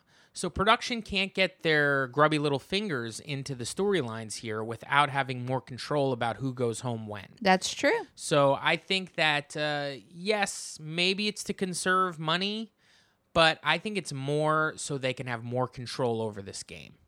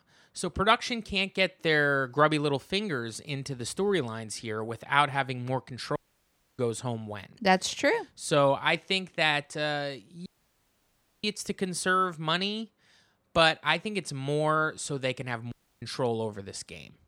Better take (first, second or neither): first